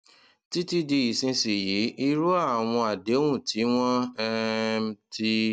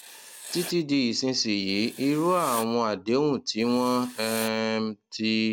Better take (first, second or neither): first